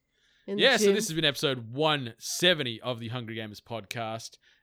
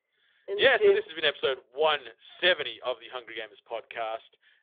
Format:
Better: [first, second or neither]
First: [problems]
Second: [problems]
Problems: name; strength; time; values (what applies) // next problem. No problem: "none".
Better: first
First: none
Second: phone-call audio; nothing above 3.5 kHz